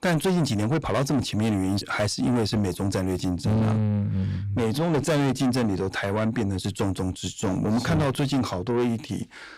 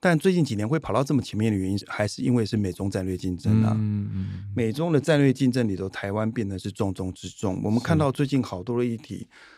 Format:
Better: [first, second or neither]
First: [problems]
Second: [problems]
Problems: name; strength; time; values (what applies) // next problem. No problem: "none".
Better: second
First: distortion; heavy; 6 dB below the speech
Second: none